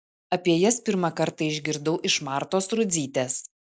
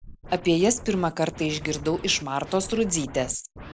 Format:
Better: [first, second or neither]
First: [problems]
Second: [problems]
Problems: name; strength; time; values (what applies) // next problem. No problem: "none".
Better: first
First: none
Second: background sound (Scratching (performance technique)); 15 dB below the speech